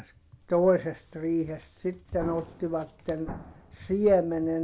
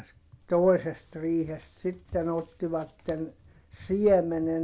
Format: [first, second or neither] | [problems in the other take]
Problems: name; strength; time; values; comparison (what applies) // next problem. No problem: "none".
second | background sound (Explosion); 15 dB below the speech